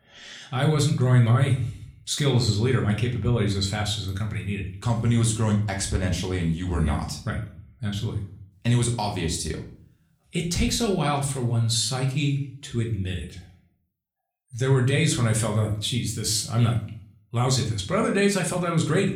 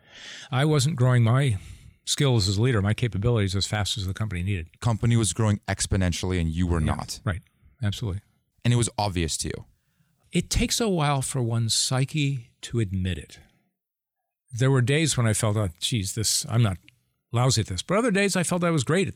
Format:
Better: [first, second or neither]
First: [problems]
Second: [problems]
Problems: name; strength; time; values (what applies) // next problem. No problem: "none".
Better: second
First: room echo; slight; dies away in 0.4 s // off-mic speech; somewhat distant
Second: none